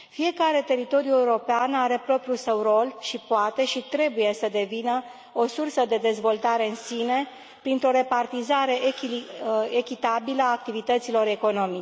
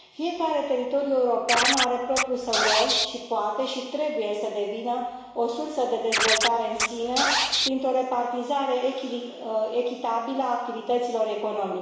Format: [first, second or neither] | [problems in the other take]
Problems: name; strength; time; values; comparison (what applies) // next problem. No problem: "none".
first | background sound (Scratching (performance technique)); 1 dB below the speech // room echo; dies away in 1 s